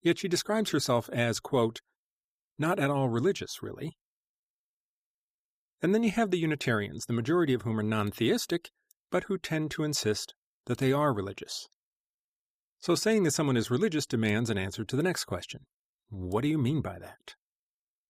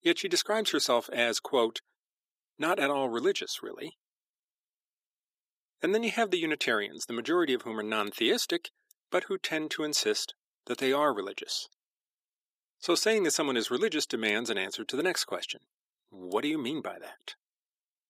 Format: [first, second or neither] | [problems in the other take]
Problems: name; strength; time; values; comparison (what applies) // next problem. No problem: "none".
first | thin; somewhat; fading below 300 Hz